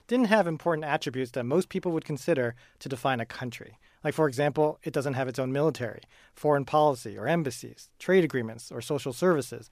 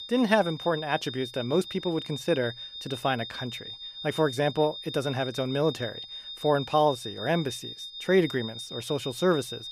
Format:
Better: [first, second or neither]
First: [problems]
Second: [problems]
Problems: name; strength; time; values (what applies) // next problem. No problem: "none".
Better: first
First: none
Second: high-pitched whine; loud; throughout; 3.5 kHz, 10 dB below the speech